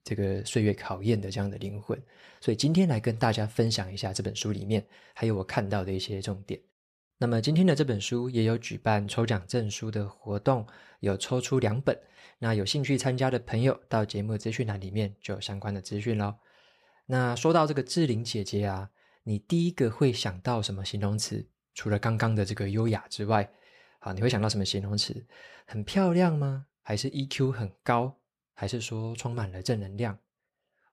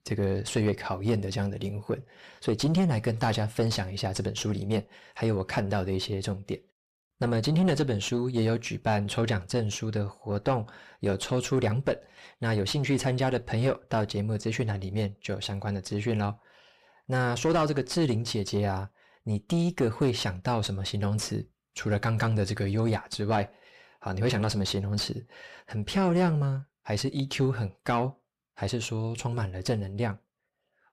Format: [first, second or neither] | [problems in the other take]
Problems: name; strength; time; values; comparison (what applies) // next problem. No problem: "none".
first | distortion; slight; 9 dB below the speech